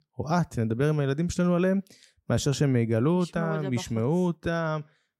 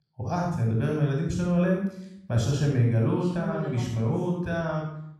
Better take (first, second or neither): first